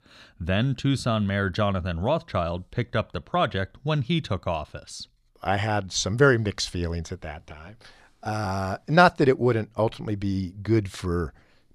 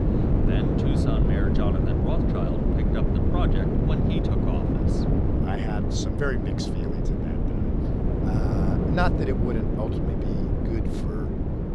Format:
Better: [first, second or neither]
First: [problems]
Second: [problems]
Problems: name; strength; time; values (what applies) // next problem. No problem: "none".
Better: first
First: none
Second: wind noise on the microphone; heavy; 3 dB above the speech